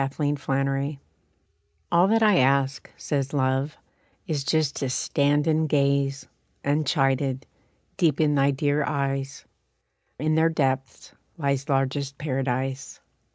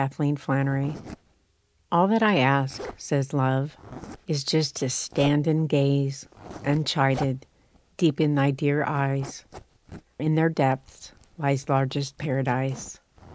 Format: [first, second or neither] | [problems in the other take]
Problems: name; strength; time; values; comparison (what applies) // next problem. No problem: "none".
first | background sound (Zipper (clothing)); 19 dB below the speech